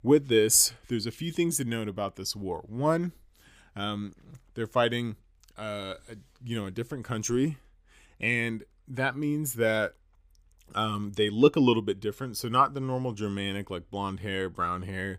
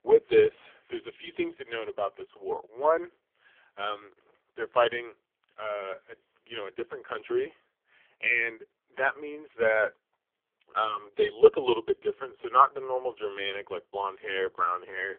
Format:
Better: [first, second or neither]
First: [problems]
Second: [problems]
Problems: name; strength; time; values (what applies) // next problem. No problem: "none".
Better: first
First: none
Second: phone-call audio; poor line; nothing above 3.5 kHz